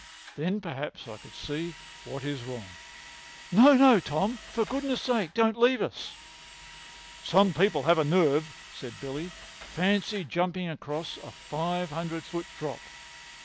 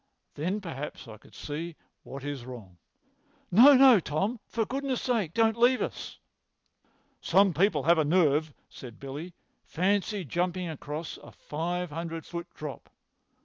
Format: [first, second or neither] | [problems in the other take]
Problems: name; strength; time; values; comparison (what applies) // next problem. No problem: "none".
second | background sound (Drill); 19 dB below the speech